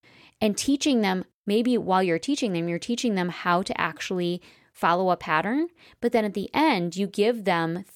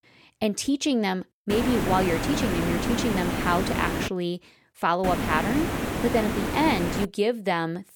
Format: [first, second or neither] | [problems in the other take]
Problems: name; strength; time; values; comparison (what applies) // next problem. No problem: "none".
first | hiss; loud; from 1.5 to 4 s and from 5 to 7 s; 2 dB below the speech